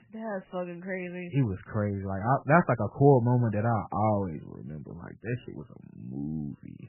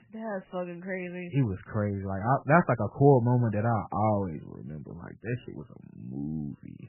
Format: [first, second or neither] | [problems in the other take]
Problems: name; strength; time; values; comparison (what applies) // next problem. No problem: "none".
neither | garbled, watery; badly; nothing above 2.5 kHz; the same in both